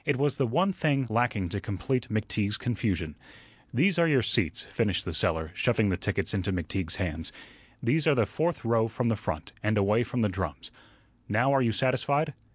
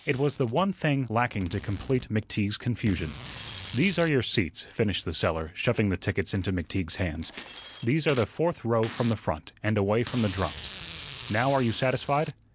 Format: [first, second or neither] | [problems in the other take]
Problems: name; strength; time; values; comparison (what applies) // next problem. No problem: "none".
first | background sound (Shatter + Packing tape, duct tape); 17 dB below the speech